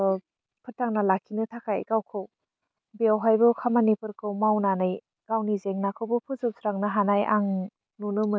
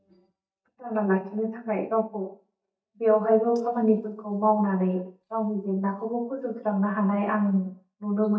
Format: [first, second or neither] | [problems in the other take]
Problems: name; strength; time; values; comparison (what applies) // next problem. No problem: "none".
first | noise reduction (neural mask model DeepFilterNet 3)